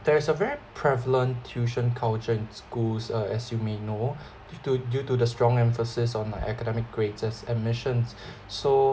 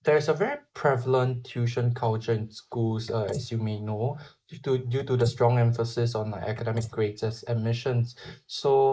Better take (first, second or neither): first